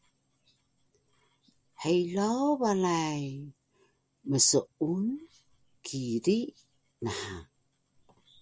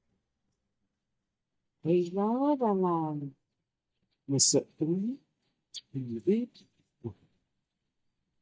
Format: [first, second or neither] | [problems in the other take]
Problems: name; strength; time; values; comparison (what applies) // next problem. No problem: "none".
first | noise reduction (neural mask model DeepFilterNet 3)